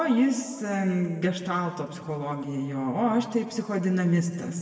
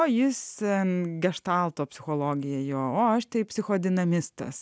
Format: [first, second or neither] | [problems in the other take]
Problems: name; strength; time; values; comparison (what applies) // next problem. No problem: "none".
second | room echo; dies away in 1.4 s